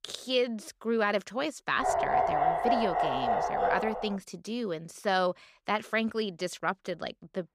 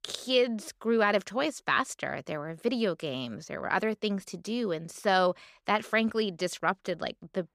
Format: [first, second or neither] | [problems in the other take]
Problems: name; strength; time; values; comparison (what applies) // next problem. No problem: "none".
second | dog barking; loud; from 2 to 4 s; peak 6 dB above the speech